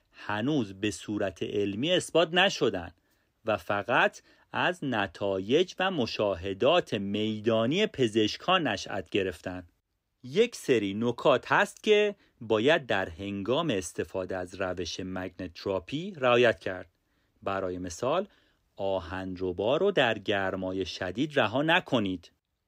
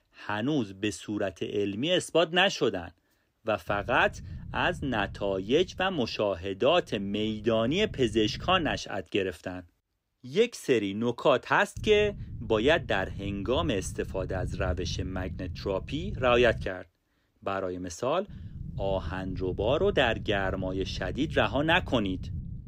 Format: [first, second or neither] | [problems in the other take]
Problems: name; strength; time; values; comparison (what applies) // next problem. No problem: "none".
first | low rumble; faint; from 3.5 to 9 s, from 12 to 17 s and from 18 s on; 25 dB below the speech